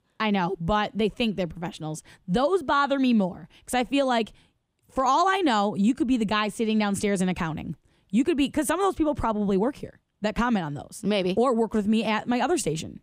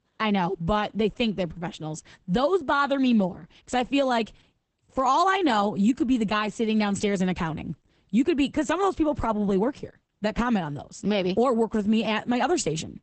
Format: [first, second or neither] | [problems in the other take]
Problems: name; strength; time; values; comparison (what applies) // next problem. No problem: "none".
first | garbled, watery; badly; nothing above 8 kHz